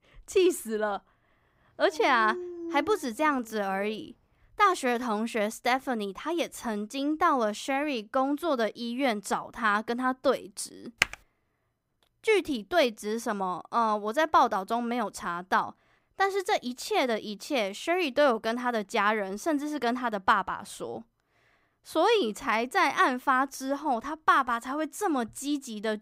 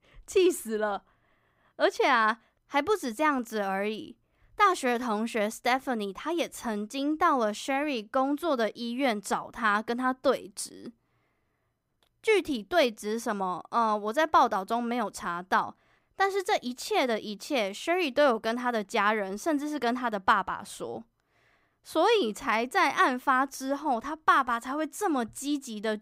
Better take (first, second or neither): second